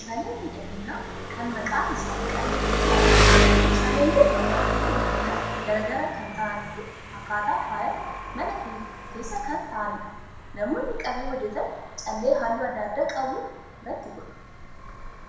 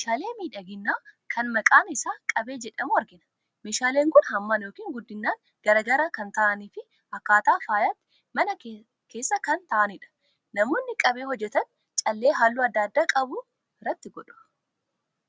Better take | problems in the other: second | background sound (Engine); 3 dB above the speech // room echo; dies away in 1 s

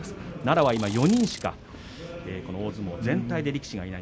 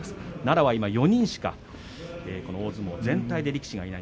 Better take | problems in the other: second | background sound (Insect); 14 dB below the speech

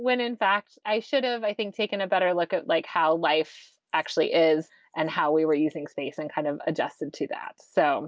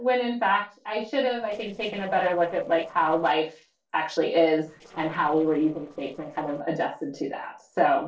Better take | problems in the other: first | noise reduction (neural separator model SepFormer DNS4)

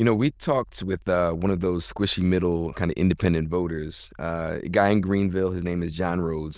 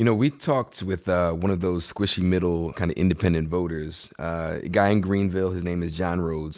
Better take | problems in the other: second | noise reduction (neural diffusion model UNIVERSE++)

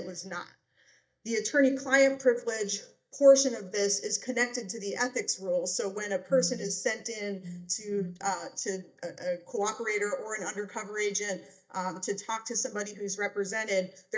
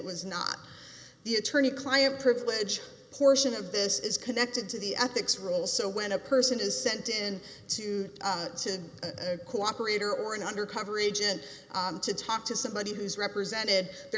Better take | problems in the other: second | noise reduction (neural mask model DeepFilterNet 3)

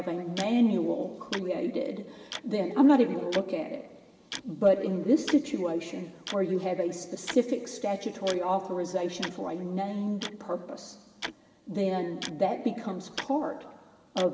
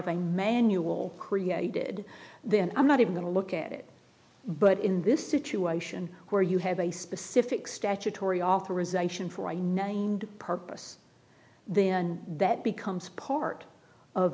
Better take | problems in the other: second | background sound (Tick-tock); 16 dB below the speech // room echo; dies away in 2.4 s

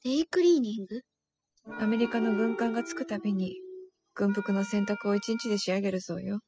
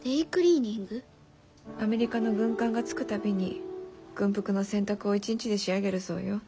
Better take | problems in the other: second | noise reduction (classical method spectral subtraction)

